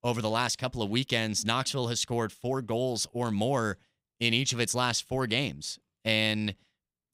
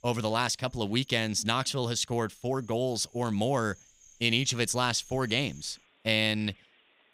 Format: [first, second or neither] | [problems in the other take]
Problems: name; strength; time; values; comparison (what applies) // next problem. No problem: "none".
first | animal sounds; faint; throughout; 25 dB below the speech